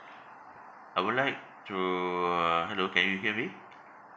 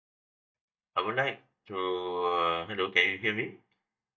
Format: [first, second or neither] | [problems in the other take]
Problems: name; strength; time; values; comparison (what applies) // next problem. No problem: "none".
first | noise reduction (neural mask model DeepFilterNet 3)